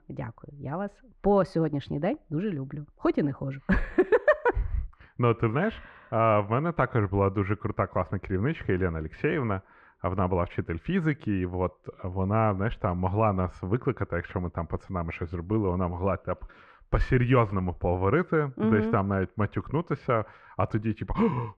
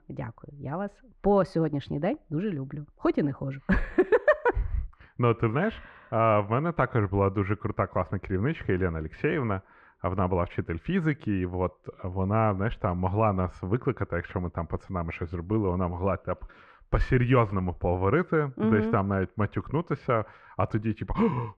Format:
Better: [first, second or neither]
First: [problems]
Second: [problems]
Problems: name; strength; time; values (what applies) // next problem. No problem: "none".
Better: neither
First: muffled; very; fading above 1.5 kHz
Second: muffled; very; fading above 1.5 kHz